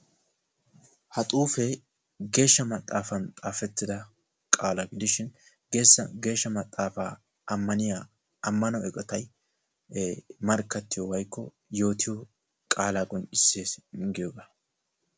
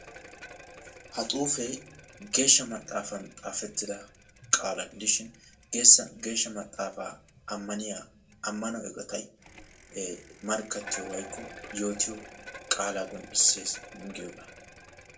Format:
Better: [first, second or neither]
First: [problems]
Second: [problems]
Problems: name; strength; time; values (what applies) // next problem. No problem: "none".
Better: first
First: none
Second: background sound (Bicycle); 19 dB below the speech // room echo; dies away in 0.2 s